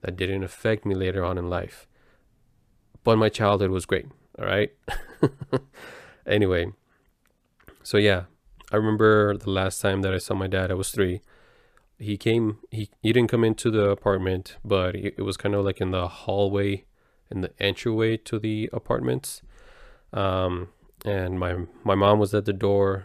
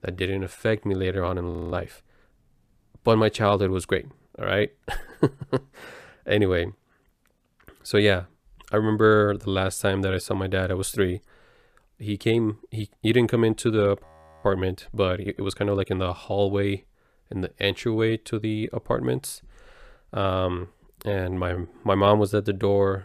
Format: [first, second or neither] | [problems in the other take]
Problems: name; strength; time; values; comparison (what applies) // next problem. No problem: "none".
first | audio freezing; at 1.5 s and at 14 s